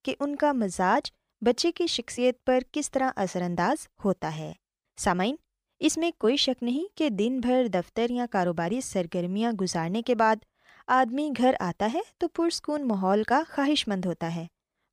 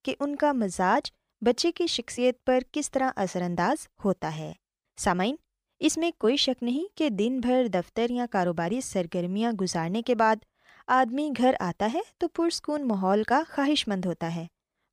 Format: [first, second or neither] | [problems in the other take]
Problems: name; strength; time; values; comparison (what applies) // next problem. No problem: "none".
neither | none